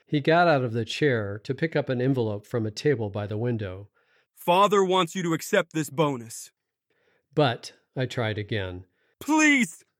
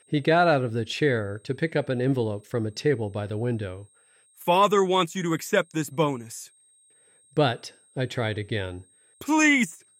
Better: first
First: none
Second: high-pitched whine; faint; throughout; 8.5 kHz, 35 dB below the speech

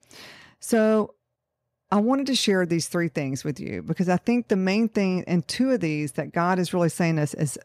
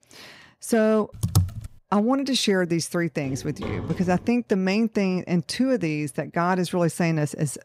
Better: first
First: none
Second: keyboard typing; loud; at 1 s; peak level with the speech // footsteps; noticeable; from 3 to 4.5 s; peak 10 dB below the speech

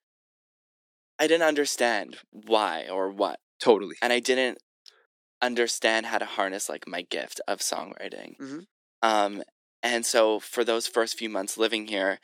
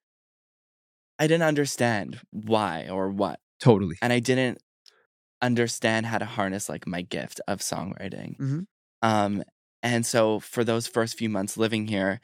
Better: second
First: thin; somewhat; fading below 300 Hz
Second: none

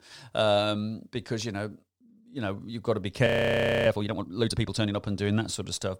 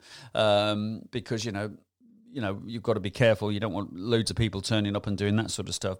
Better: second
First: audio freezing; at 3.5 s for 0.5 s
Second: none

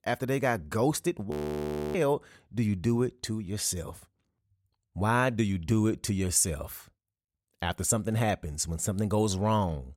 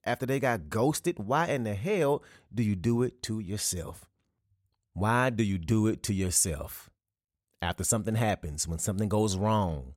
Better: second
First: audio freezing; at 1.5 s for 0.5 s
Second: none

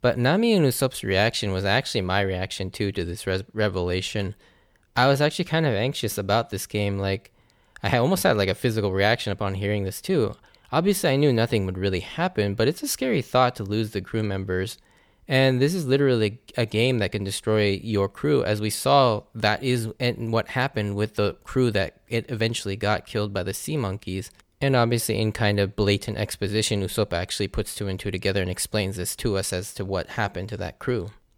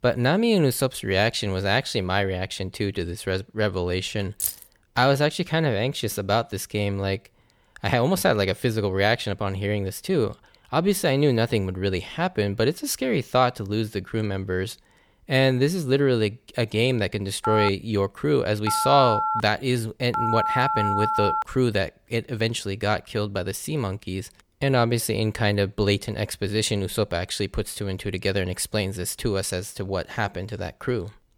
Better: first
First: none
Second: jangling keys; noticeable; at 4.5 s; peak 3 dB below the speech // phone ringing; loud; from 17 to 21 s; peak 1 dB above the speech

